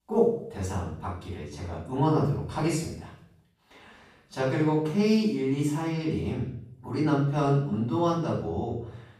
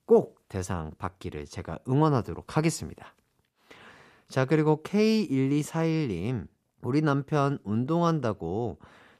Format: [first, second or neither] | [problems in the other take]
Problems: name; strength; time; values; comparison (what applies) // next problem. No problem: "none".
second | off-mic speech; far // room echo; noticeable; dies away in 0.6 s